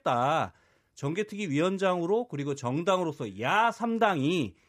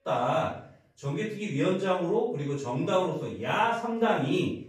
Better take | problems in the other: first | off-mic speech; far // room echo; noticeable; dies away in 0.4 s

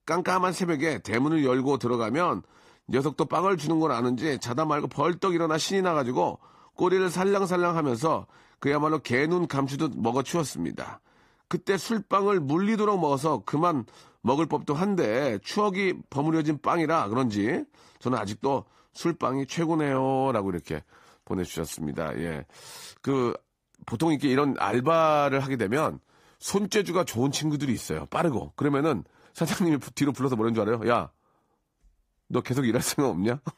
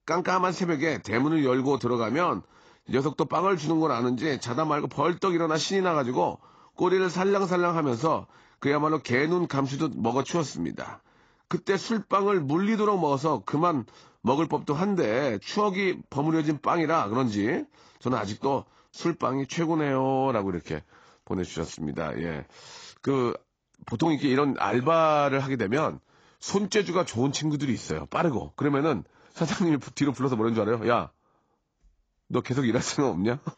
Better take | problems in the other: first | garbled, watery; badly; nothing above 7.5 kHz; slightly in the first

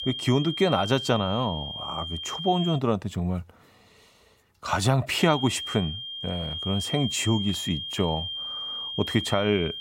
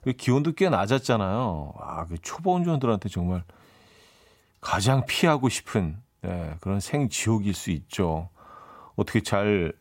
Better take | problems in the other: second | high-pitched whine; loud; until 3 s and from 5 s on; 3 kHz, 5 dB below the speech

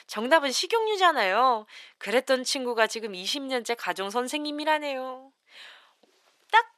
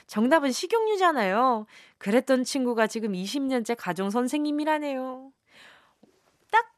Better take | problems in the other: second | thin; somewhat; fading below 450 Hz

